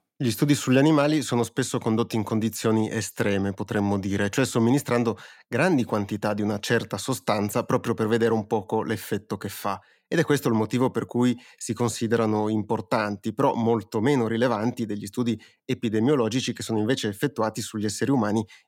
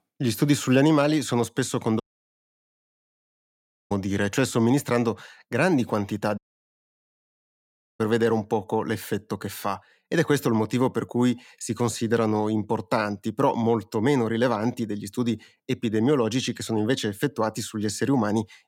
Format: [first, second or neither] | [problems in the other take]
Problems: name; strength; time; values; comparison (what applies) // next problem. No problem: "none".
first | audio cutting out; at 2 s for 2 s and at 6.5 s for 1.5 s